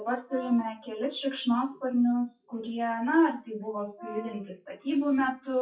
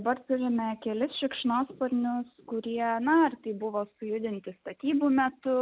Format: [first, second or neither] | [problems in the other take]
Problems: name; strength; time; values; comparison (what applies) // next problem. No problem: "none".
second | noise reduction (classical method WPE with log-MMSE)